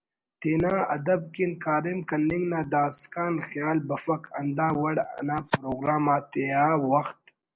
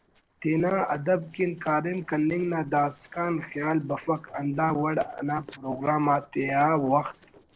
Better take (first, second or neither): first